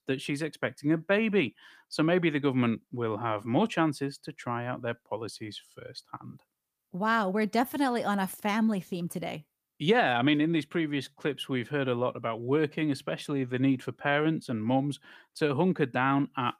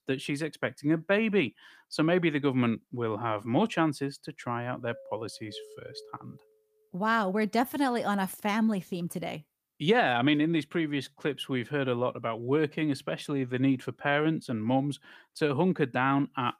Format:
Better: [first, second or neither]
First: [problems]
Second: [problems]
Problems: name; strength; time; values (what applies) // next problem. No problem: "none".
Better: first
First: none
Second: doorbell; faint; from 5 to 6.5 s; peak 20 dB below the speech